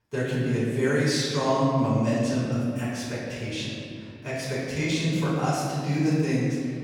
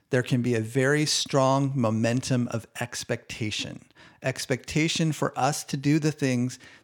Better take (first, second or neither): second